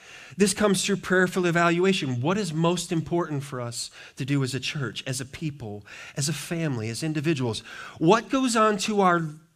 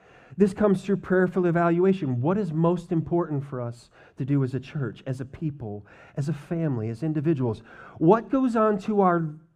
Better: first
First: none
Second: muffled; very; fading above 2 kHz

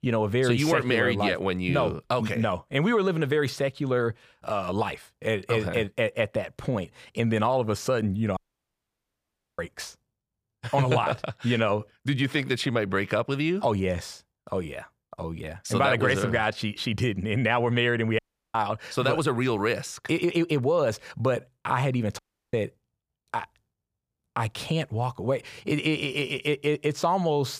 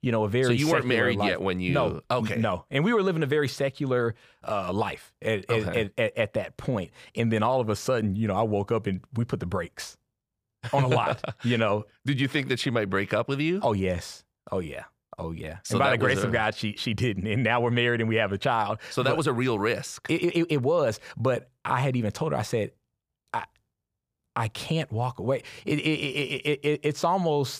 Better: second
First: audio cutting out; at 8.5 s for 1 s, at 18 s and at 22 s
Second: none

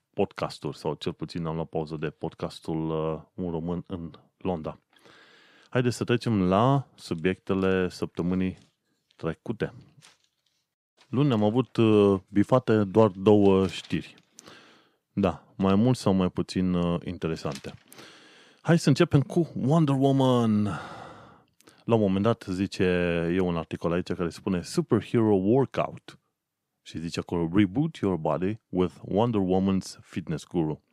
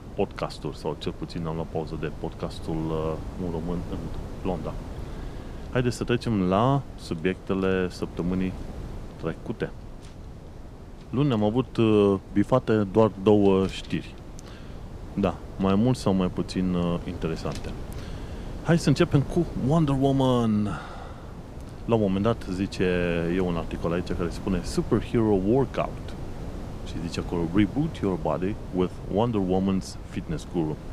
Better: first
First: none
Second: wind noise on the microphone; occasional gusts; 15 dB below the speech

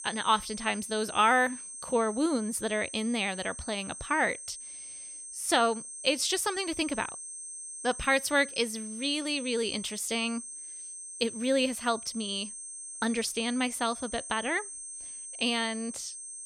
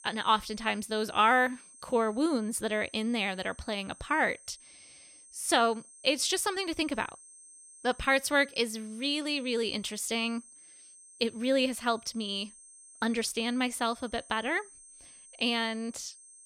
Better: second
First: high-pitched whine; loud; throughout; 8.5 kHz, 10 dB below the speech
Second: high-pitched whine; faint; throughout; 8.5 kHz, 20 dB below the speech

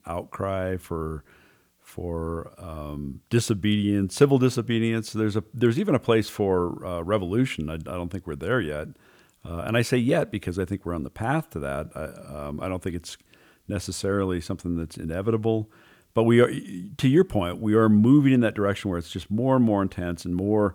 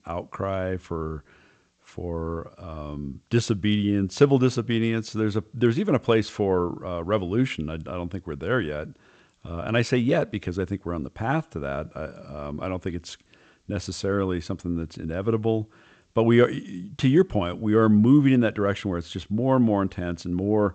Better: first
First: none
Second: garbled, watery; slightly; nothing above 8 kHz

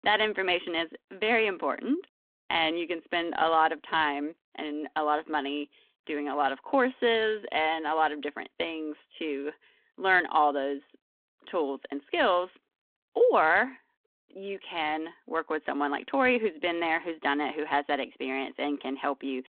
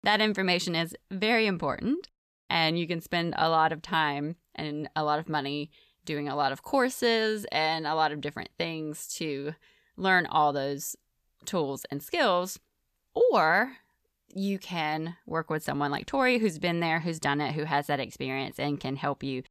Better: second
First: phone-call audio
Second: none

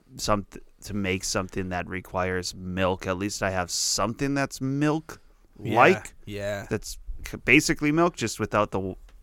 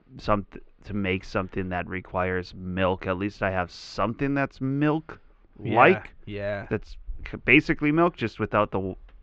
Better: first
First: none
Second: muffled; very; fading above 3.5 kHz

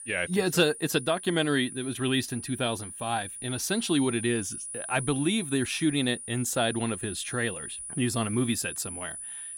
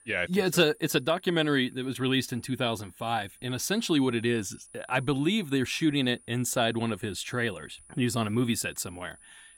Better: second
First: high-pitched whine; loud; throughout; 10 kHz, 9 dB below the speech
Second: high-pitched whine; faint; throughout; 10 kHz, 25 dB below the speech

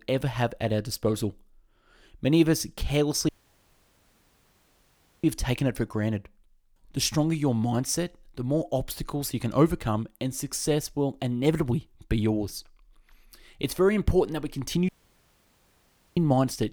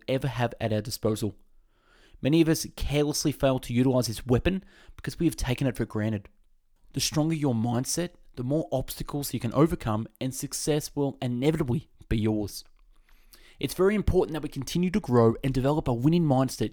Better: second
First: audio cutting out; at 3.5 s for 2 s and at 15 s for 1.5 s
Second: none

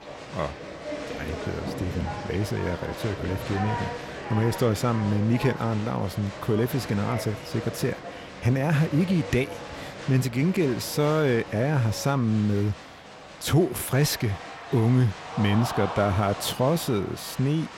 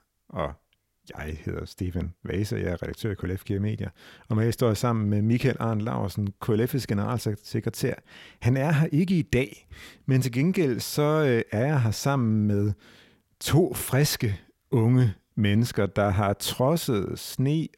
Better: second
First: crowd noise; noticeable; throughout; 10 dB below the speech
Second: none

